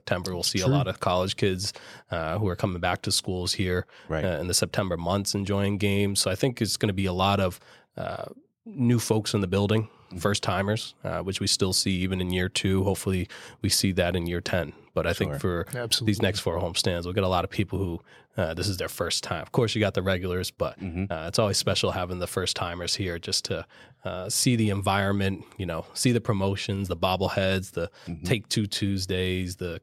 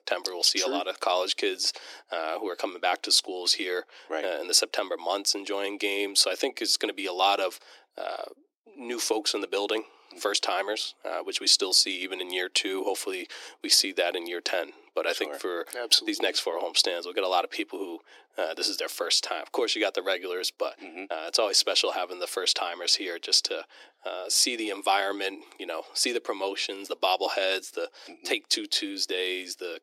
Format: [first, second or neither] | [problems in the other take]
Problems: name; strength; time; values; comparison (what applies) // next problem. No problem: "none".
first | thin; very; fading below 300 Hz